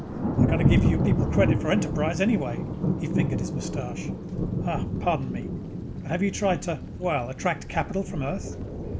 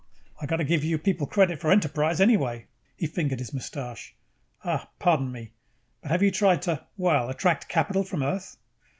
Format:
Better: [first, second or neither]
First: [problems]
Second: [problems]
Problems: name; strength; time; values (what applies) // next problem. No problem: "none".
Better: second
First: background sound (Thunder); 2 dB above the speech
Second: none